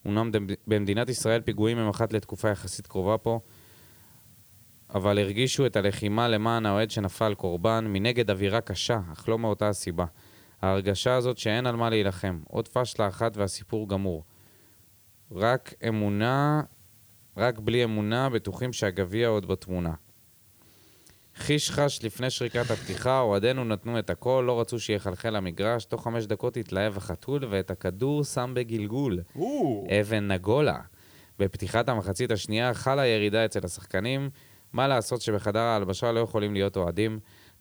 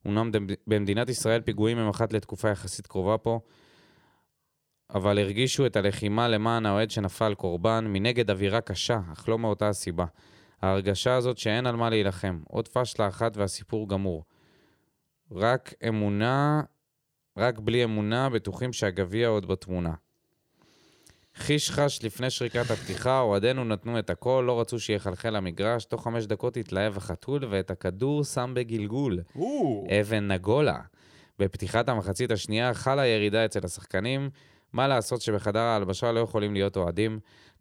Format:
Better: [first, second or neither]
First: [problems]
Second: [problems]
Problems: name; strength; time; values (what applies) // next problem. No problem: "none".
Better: second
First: hiss; faint; throughout; 25 dB below the speech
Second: none